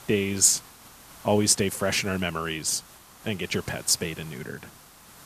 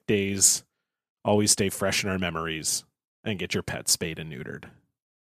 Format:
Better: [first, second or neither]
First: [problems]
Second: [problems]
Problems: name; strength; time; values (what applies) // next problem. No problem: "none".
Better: second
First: hiss; faint; throughout; 20 dB below the speech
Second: none